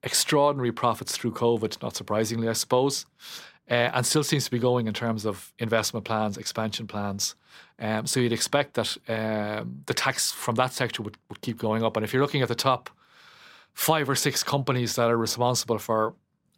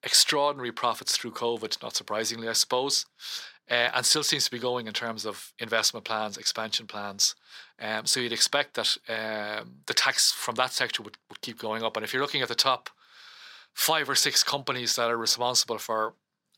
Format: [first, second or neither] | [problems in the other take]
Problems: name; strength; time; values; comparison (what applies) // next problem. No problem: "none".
first | thin; somewhat; fading below 650 Hz